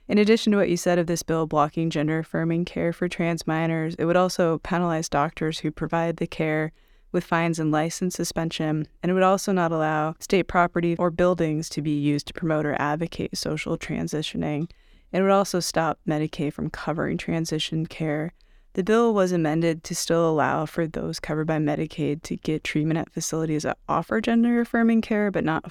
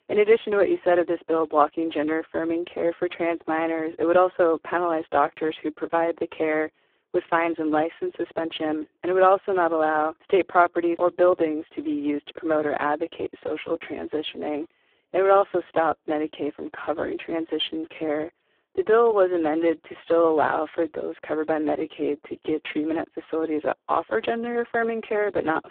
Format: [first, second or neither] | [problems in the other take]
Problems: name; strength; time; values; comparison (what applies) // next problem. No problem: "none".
first | phone-call audio; poor line